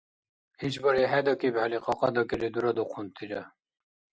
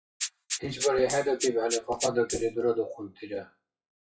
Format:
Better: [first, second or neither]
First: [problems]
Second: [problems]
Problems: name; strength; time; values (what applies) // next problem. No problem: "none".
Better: first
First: none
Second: noise reduction (classical method WPE with log-MMSE)